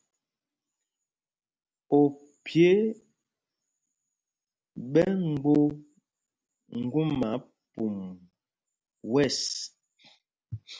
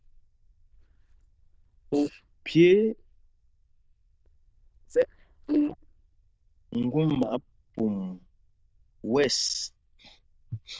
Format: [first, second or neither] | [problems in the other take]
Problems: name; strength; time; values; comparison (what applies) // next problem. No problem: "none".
first | noise reduction (neural diffusion model UNIVERSE++)